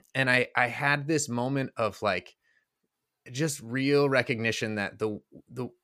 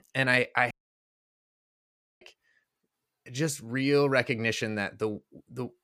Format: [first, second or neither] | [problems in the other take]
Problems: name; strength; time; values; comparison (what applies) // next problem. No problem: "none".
first | audio cutting out; at 0.5 s for 1.5 s